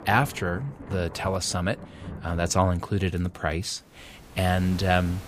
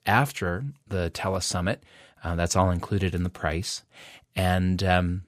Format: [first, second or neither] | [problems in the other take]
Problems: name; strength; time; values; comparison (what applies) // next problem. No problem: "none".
second | rain or running water; noticeable; throughout; 15 dB below the speech